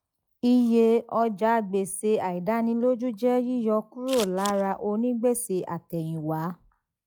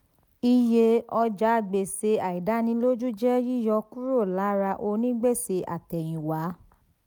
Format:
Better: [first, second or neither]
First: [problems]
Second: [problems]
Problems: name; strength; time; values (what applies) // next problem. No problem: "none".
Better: second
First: noise reduction (classical method log-MMSE)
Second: none